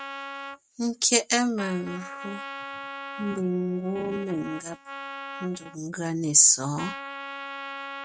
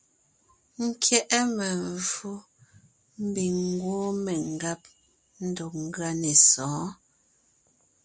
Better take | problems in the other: second | noise reduction (neural mask model RNNoise)

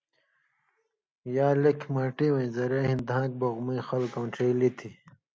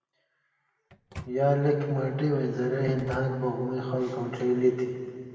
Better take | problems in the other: first | background sound (Microwave oven); 16 dB below the speech // room echo; dies away in 2.3 s

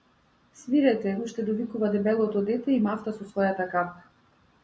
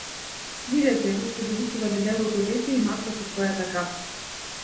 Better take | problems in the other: first | background sound (Water); 9 dB below the speech // room echo; dies away in 0.8 s

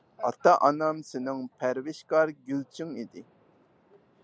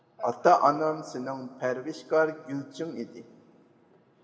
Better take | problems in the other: first | room echo; dies away in 1.4 s

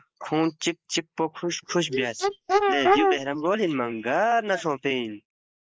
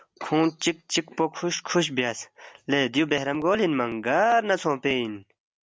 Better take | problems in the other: second | noise reduction (neural mask model Resemble Enhance denoiser)

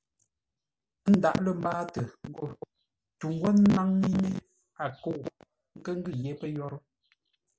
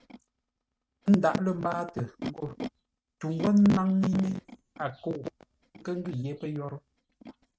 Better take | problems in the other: first | noise reduction (neural mask model RNNoise)

